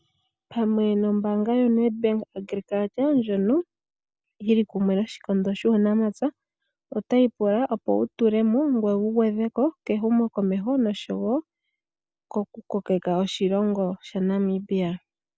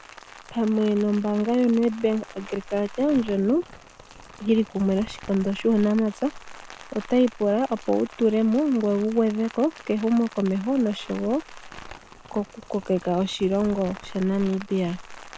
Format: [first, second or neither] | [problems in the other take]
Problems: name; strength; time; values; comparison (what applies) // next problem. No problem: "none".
first | background sound (Rain); 18 dB below the speech